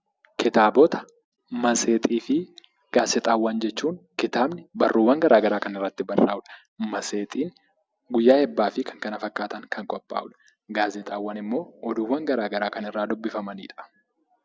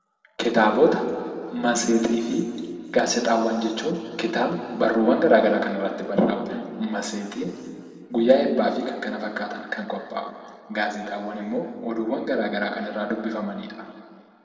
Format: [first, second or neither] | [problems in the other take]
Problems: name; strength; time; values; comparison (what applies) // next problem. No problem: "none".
first | room echo; dies away in 2.1 s